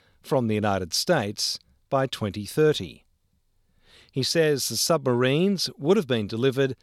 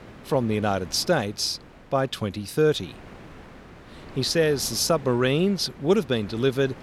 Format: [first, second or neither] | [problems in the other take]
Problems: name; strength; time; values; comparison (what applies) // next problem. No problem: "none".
first | wind noise on the microphone; occasional gusts; 20 dB below the speech